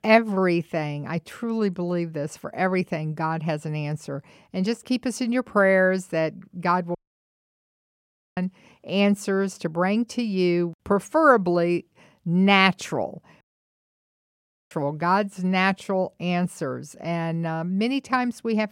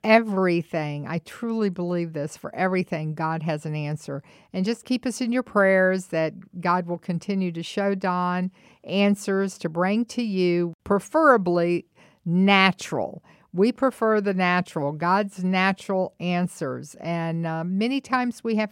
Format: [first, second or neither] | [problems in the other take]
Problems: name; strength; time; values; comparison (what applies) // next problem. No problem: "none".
second | audio cutting out; at 7 s for 1.5 s and at 13 s for 1.5 s